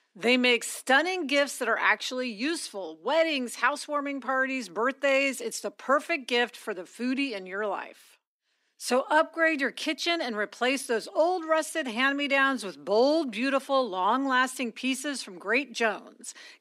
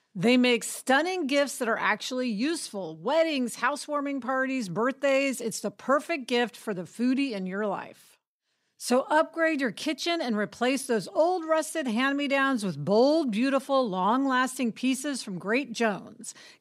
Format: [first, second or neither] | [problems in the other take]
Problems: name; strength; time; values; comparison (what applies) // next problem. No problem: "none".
second | thin; very slightly; fading below 250 Hz